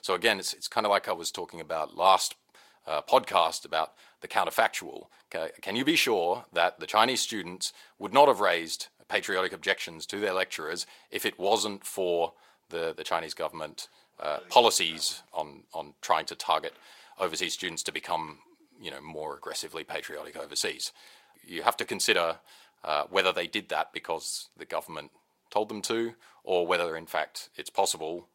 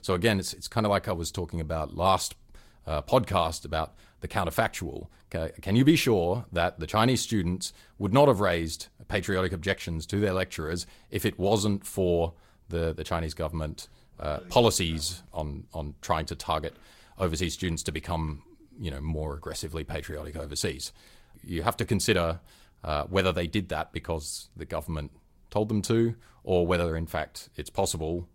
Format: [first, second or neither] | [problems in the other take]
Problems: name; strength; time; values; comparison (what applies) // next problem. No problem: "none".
second | thin; very; fading below 450 Hz